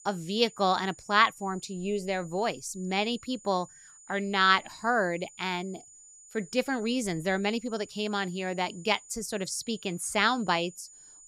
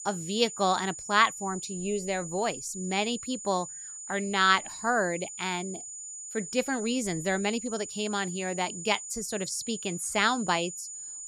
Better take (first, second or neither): first